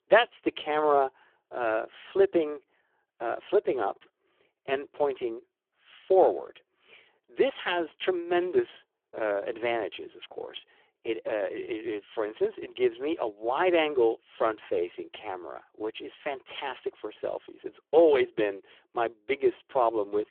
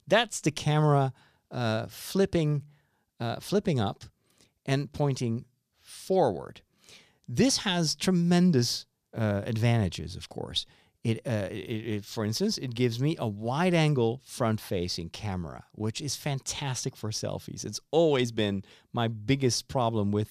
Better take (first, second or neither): second